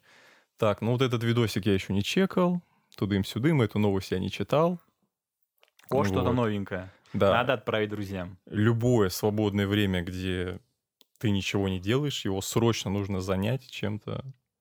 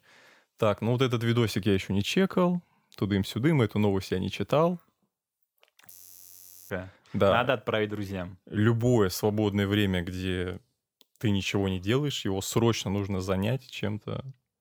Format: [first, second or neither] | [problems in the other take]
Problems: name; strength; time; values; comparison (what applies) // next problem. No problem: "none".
first | audio freezing; at 6 s for 1 s